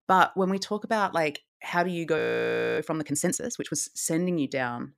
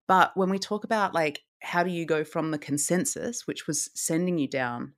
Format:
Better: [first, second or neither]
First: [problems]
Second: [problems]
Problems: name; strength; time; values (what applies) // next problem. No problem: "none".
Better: second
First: audio freezing; at 2 s for 0.5 s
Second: none